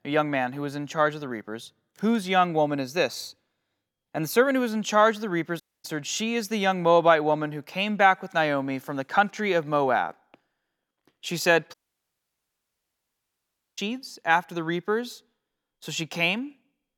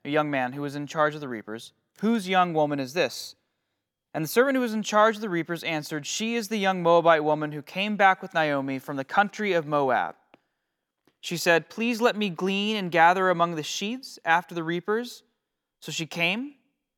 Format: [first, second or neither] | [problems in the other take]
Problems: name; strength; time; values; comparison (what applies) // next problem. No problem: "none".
second | audio cutting out; at 5.5 s and at 12 s for 2 s